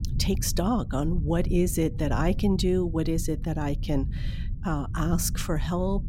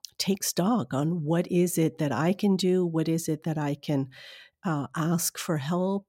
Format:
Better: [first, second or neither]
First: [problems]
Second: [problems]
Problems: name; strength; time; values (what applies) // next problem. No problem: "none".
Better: second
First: low rumble; noticeable; throughout; 15 dB below the speech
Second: none